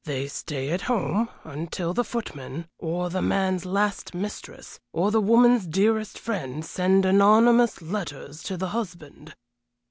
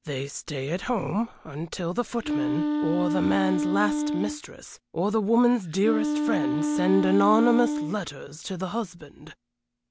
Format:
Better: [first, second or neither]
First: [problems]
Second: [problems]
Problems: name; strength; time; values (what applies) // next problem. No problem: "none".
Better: first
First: none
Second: background sound (Wind instrument, woodwind instrument); as loud as the speech